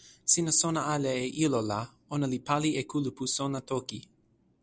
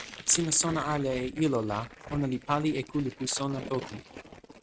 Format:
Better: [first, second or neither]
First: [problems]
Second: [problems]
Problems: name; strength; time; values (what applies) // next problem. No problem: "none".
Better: first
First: none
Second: noise reduction (neural mask model RNNoise)